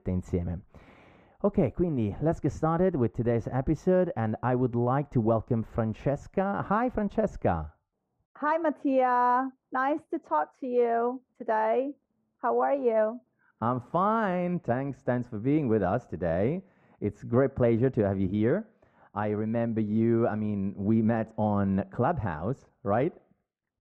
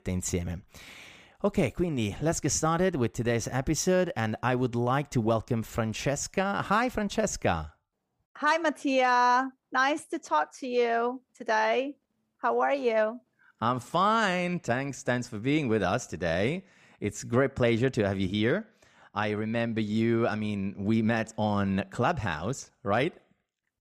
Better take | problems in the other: second | muffled; very; fading above 2.5 kHz

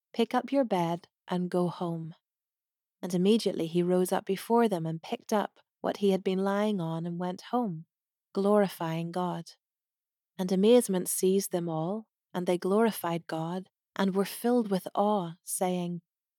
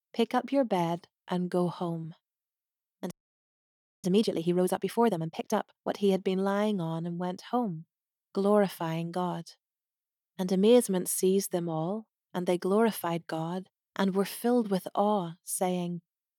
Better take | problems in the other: first | audio freezing; at 3 s for 1 s

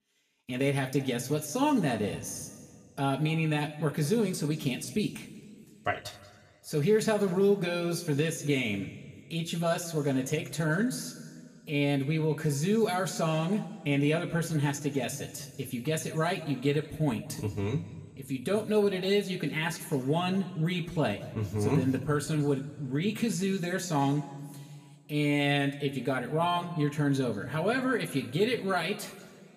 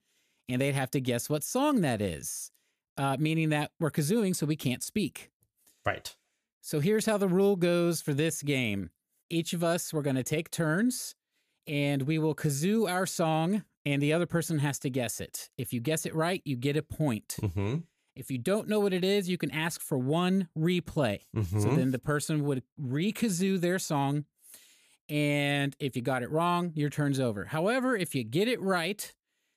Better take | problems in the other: second | room echo; slight; dies away in 1.5 s // off-mic speech; somewhat distant

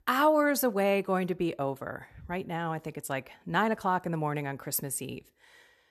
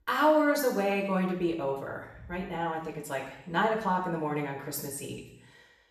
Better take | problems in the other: first | room echo; noticeable; dies away in 0.8 s // off-mic speech; far

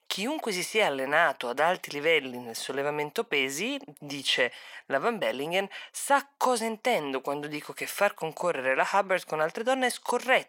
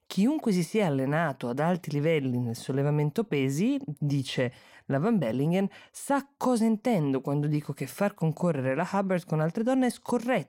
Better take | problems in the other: second | thin; very; fading below 600 Hz

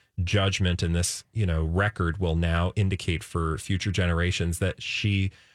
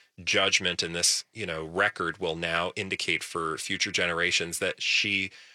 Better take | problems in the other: first | thin; very; fading below 350 Hz

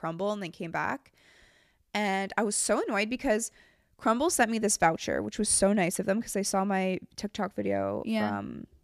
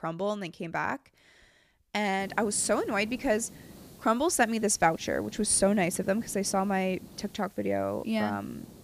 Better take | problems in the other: first | hiss; faint; from 2 s on; 20 dB below the speech

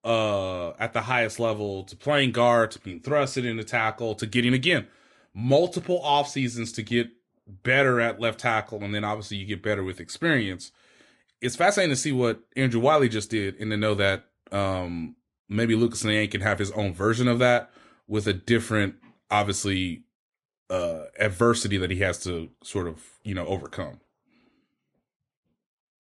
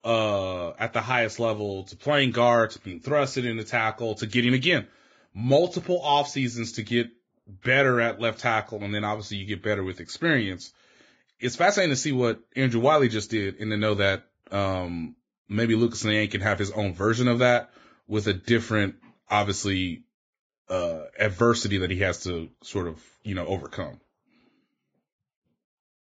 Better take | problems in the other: first | garbled, watery; badly; nothing above 7.5 kHz; slightly in the first

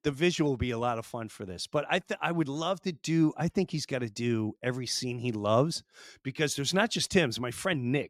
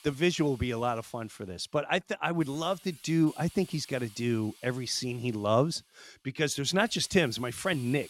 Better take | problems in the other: first | hiss; faint; throughout; 25 dB below the speech

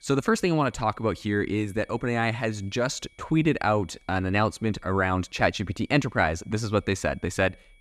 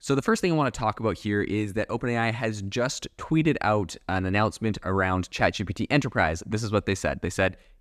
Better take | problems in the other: second | high-pitched whine; faint; throughout; 2.5 kHz, 35 dB below the speech

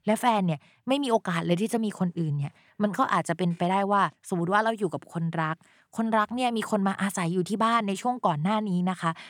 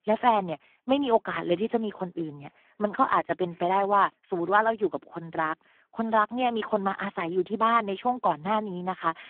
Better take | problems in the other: first | phone-call audio; poor line

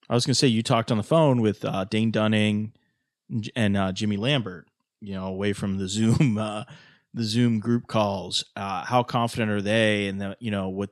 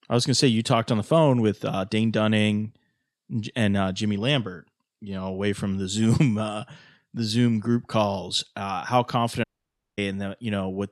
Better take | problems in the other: first | audio cutting out; at 9.5 s for 0.5 s

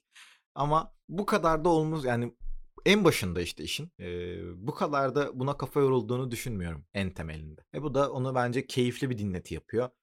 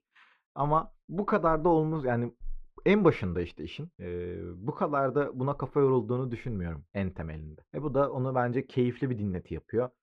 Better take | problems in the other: first | muffled; very; fading above 1.5 kHz

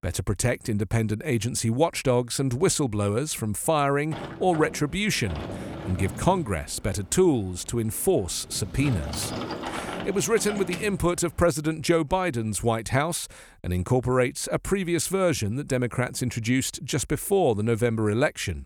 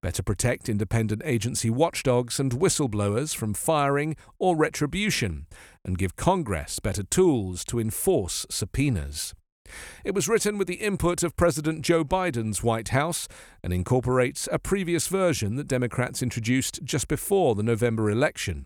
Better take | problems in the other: second | door banging; noticeable; from 4 to 11 s; peak 7 dB below the speech

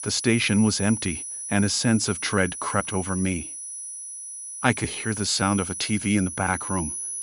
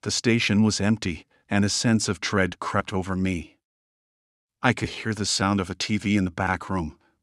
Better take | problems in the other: second | high-pitched whine; loud; throughout; 10 kHz, 7 dB below the speech

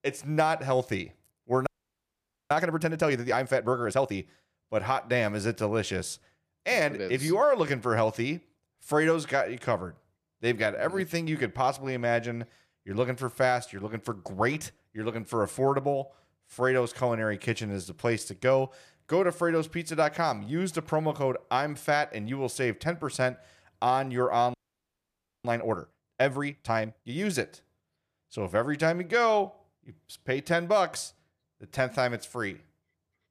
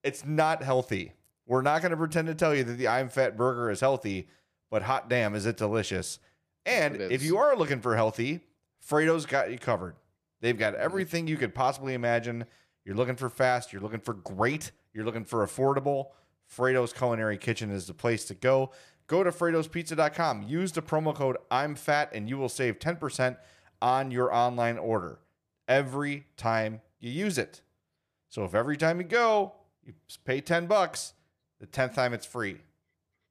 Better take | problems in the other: second | audio freezing; at 1.5 s for 1 s and at 25 s for 1 s

